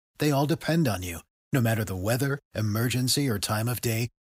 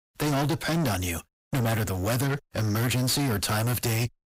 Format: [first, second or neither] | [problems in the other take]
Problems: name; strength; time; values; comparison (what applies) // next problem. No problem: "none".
first | distortion; heavy; 33% of the sound clipped